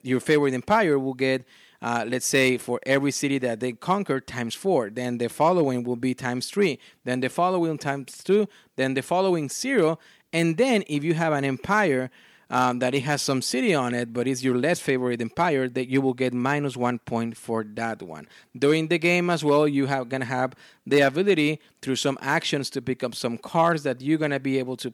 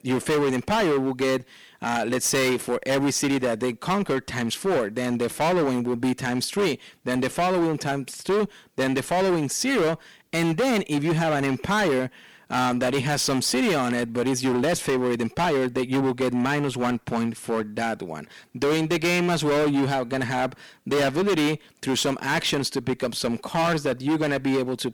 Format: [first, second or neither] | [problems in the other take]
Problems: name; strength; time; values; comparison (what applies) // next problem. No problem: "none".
first | distortion; heavy; 19% of the sound clipped